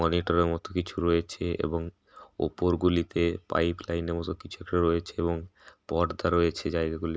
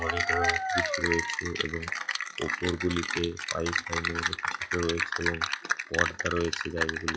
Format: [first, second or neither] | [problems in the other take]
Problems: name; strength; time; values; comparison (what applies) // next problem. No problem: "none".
first | noise reduction (classical method log-MMSE)